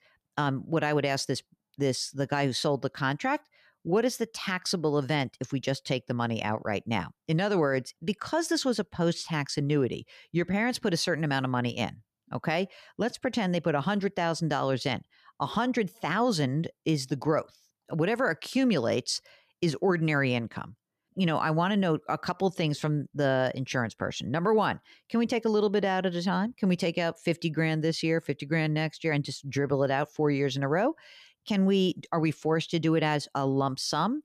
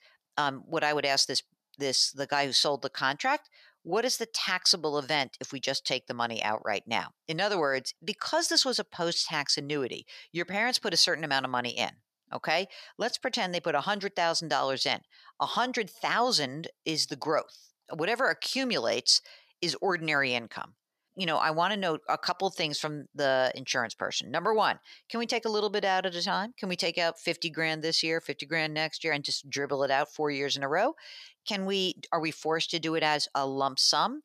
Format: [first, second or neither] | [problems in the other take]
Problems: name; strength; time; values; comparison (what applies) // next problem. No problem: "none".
first | thin; somewhat; fading below 850 Hz